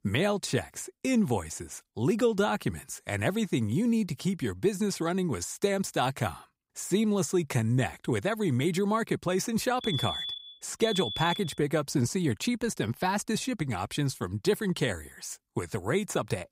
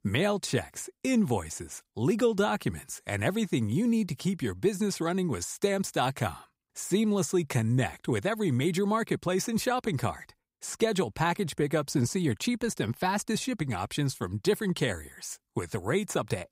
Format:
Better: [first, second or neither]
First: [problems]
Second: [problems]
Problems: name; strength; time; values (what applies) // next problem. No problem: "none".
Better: second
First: alarm; noticeable; from 10 to 12 s; peak 2 dB below the speech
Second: none